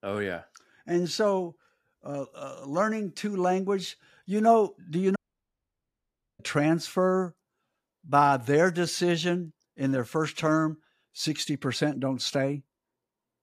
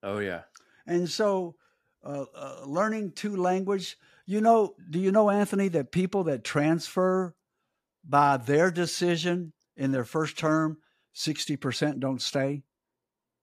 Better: second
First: audio cutting out; at 5 s for 1 s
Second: none

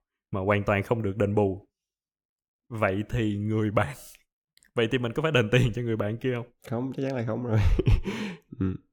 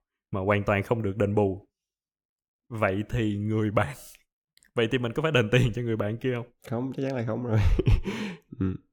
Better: neither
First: none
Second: none

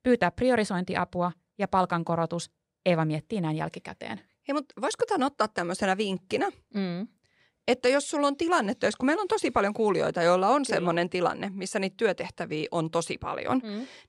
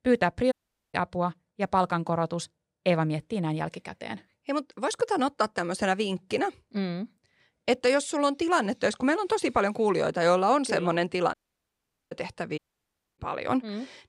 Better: first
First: none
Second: audio cutting out; at 0.5 s, at 11 s for 1 s and at 13 s for 0.5 s

